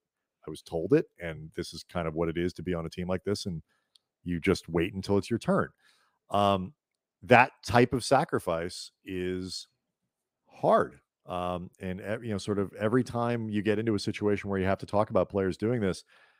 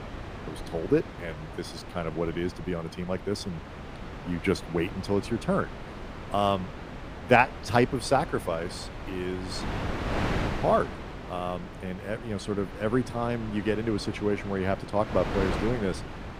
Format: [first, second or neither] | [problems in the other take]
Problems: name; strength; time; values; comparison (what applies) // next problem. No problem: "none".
first | wind noise on the microphone; heavy; 10 dB below the speech